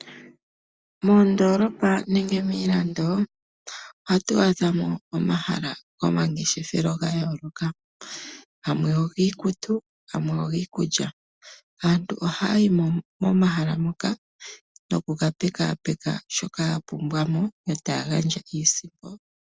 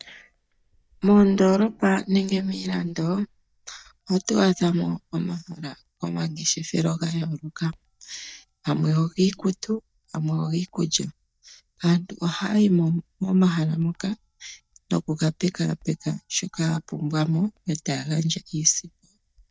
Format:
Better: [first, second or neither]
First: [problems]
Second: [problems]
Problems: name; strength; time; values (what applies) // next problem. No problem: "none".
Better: first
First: none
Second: noise reduction (neural mask model DeepFilterNet 3)